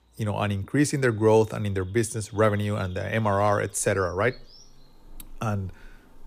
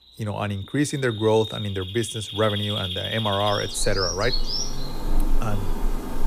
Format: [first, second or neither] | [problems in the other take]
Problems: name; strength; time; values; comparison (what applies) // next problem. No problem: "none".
first | animal sounds; loud; throughout; 4 dB below the speech; faint in the first